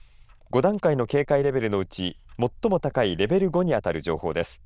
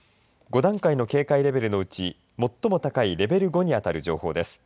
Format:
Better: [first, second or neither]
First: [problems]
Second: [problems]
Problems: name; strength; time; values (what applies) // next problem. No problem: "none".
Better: second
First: noise reduction (neural diffusion model UNIVERSE++)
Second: none